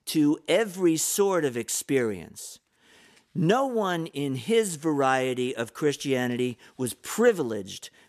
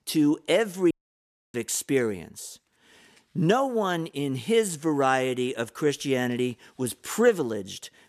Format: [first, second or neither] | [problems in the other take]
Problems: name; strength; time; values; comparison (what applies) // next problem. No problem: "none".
first | audio cutting out; at 1 s for 0.5 s